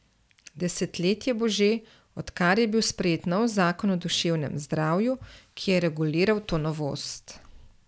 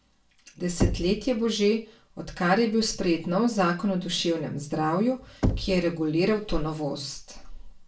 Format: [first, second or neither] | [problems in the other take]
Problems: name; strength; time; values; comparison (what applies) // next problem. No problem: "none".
first | background sound (Knock / Wood); 7 dB below the speech // room echo; dies away in 0.3 s